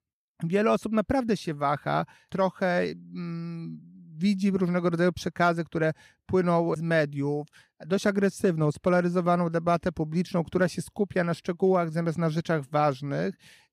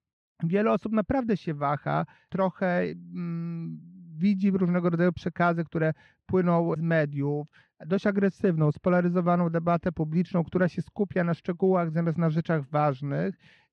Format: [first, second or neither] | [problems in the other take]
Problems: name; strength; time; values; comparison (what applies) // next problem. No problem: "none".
first | muffled; slightly; fading above 3 kHz